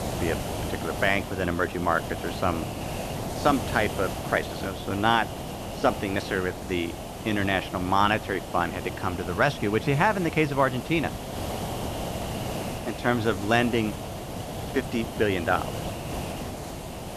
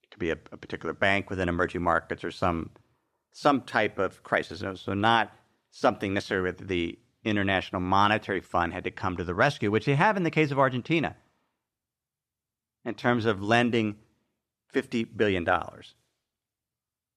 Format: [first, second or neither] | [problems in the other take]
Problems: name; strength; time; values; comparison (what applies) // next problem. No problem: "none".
second | hiss; loud; throughout; 7 dB below the speech